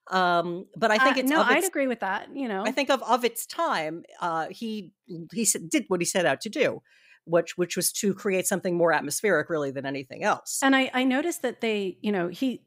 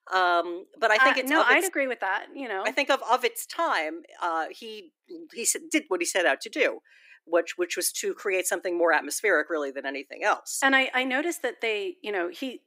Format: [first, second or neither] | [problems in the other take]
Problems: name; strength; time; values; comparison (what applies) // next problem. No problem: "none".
first | thin; somewhat; fading below 300 Hz